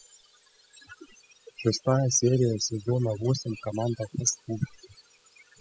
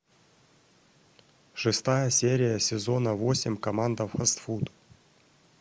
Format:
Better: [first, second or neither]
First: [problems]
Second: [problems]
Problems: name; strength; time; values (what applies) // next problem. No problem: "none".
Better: second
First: noise reduction (classical method spectral subtraction)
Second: none